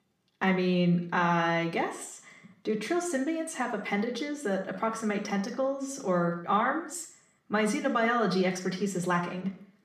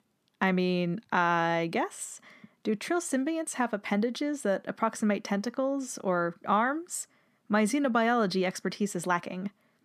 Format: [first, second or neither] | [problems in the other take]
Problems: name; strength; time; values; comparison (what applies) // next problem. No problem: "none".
second | room echo; slight; dies away in 0.5 s // off-mic speech; somewhat distant